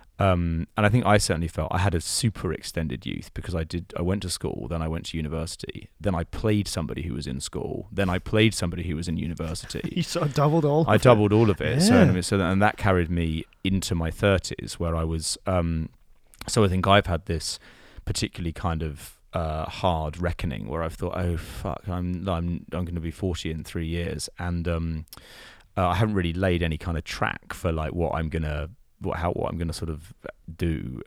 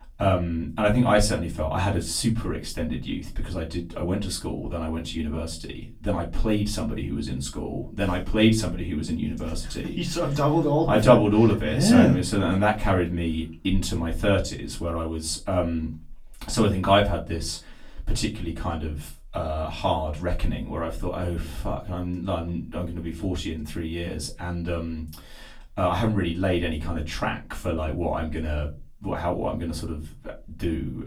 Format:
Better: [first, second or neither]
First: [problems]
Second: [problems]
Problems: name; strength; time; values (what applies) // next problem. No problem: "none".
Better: first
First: none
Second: off-mic speech; far // room echo; very slight; dies away in 0.2 s